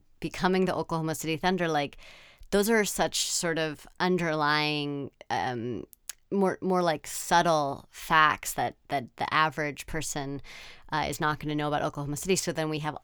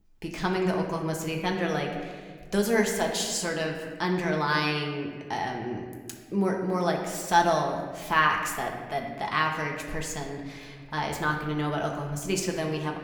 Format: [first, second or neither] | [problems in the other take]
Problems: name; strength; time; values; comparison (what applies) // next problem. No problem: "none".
first | room echo; slight; dies away in 1.3 s // off-mic speech; somewhat distant